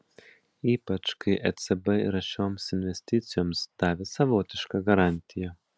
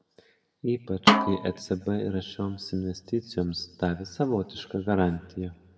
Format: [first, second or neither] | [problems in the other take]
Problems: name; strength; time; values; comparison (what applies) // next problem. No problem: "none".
first | background sound (Snare drum); 4 dB above the speech // room echo; dies away in 1.2 s